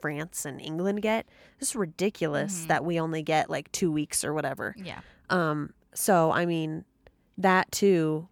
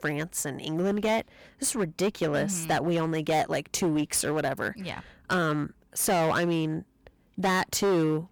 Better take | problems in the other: first | distortion; heavy; 12% of the sound clipped

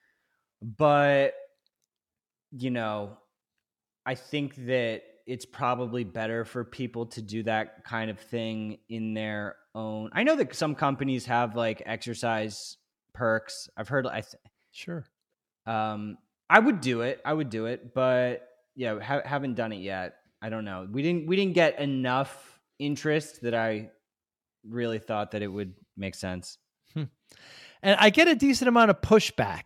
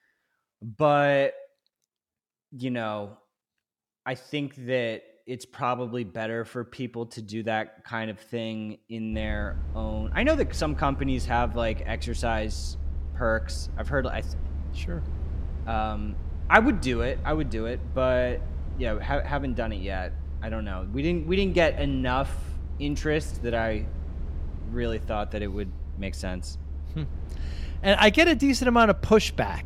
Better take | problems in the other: first | low rumble; faint; from 9 s on; 25 dB below the speech

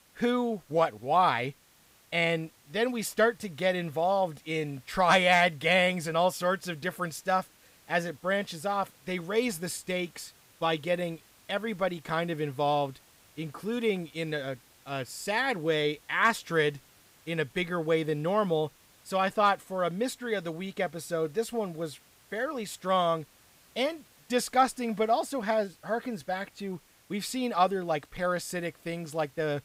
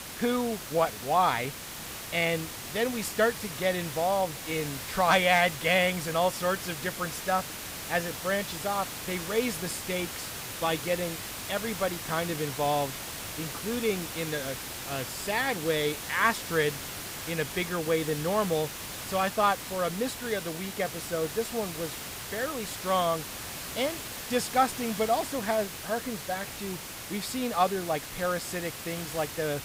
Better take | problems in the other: first | hiss; loud; throughout; 7 dB below the speech; faint in the first

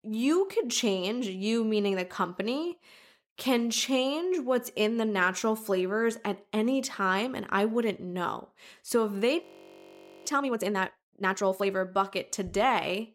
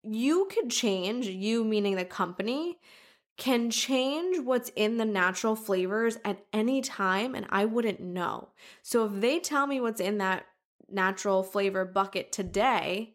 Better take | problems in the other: second | audio freezing; at 9.5 s for 1 s

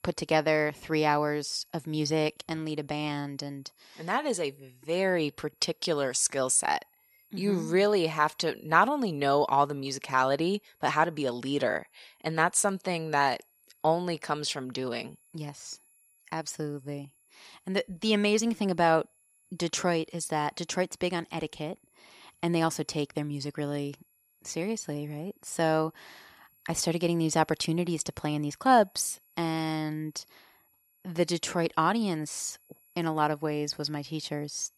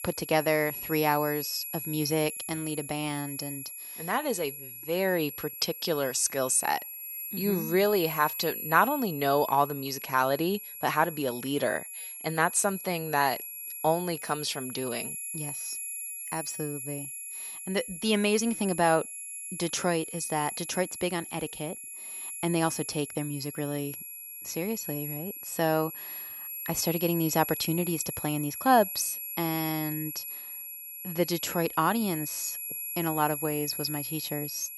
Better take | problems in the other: first | high-pitched whine; loud; throughout; 11 kHz, 7 dB below the speech; faint in the first

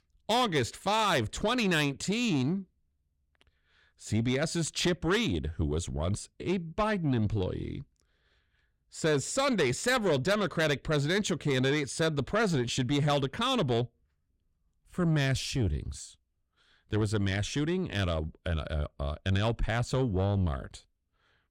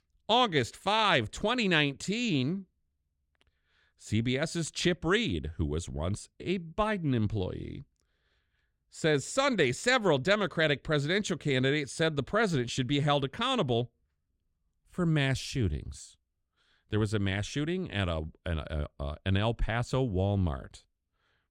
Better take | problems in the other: second | distortion; slight; 10 dB below the speech

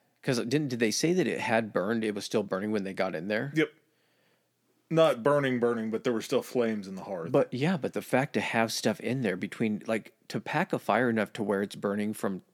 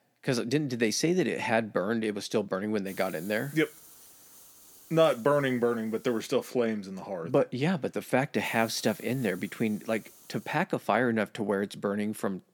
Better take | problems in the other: first | hiss; faint; from 3 to 6.5 s and from 8.5 to 11 s; 20 dB below the speech

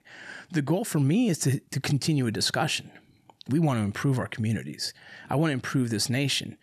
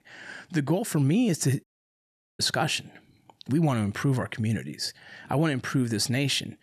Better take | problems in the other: first | audio cutting out; at 1.5 s for 1 s

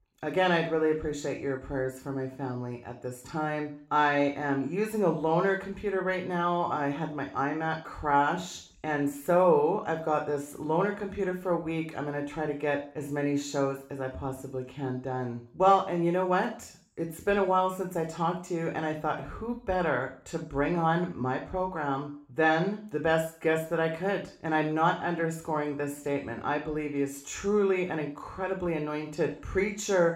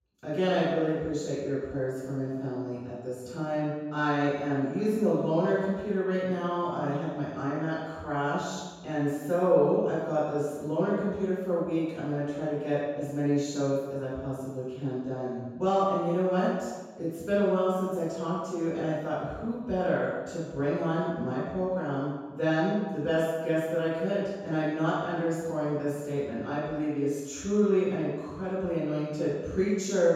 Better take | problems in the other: first | room echo; strong; dies away in 1.2 s; slight in the first // off-mic speech; far; somewhat distant in the first

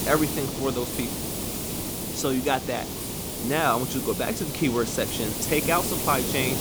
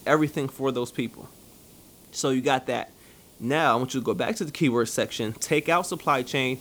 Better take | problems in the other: second | hiss; loud; throughout; 2 dB below the speech; faint in the second

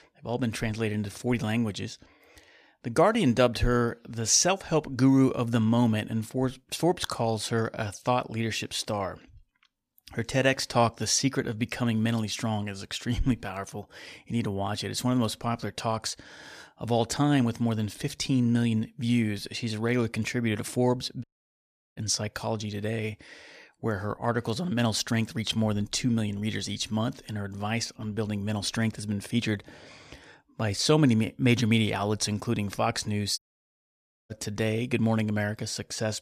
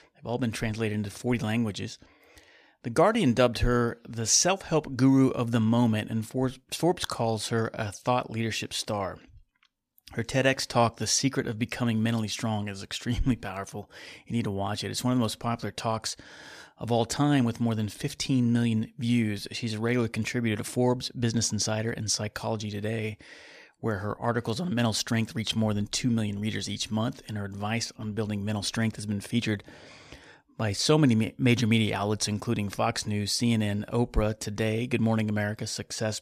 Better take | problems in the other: second | audio cutting out; at 21 s for 0.5 s and at 33 s for 1 s

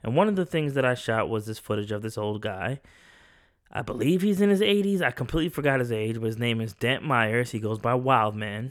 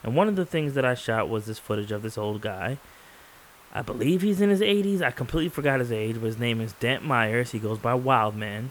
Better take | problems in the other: first | hiss; faint; throughout; 25 dB below the speech

